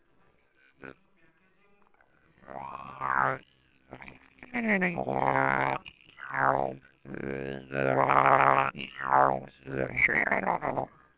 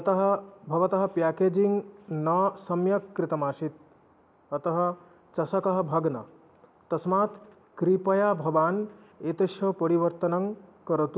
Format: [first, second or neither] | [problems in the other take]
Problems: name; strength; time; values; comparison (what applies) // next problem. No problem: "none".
second | noise reduction (neural separator model SepFormer WHAMR!)